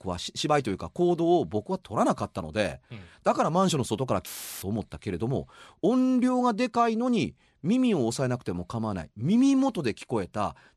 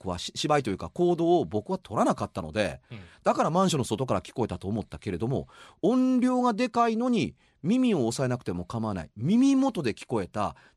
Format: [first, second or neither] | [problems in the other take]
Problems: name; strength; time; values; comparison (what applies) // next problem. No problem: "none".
second | audio cutting out; filled with static; at 4.5 s